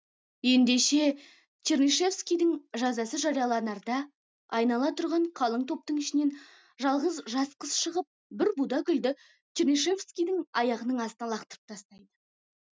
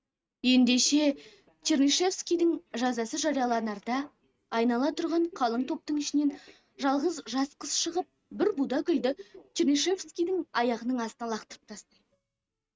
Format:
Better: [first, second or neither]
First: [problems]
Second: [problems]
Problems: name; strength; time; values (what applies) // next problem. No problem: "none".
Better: first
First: none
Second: noise reduction (neural mask model RNNoise)